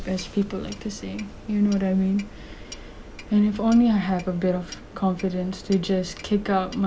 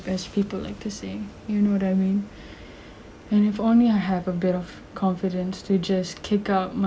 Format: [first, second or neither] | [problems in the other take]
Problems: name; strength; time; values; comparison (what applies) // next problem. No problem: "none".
second | background sound (Clock); 18 dB below the speech